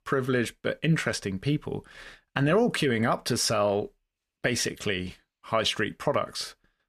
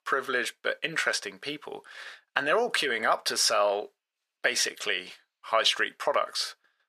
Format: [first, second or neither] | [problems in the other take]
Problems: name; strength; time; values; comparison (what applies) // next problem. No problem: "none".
first | thin; very; fading below 650 Hz